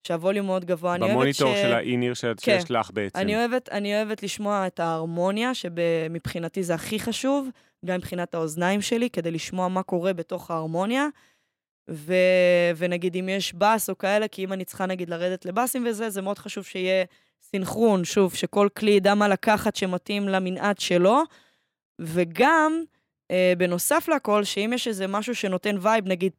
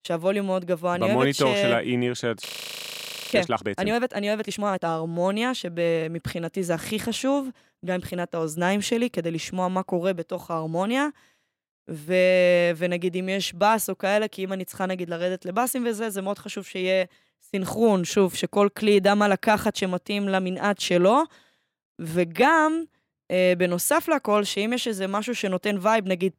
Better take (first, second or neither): first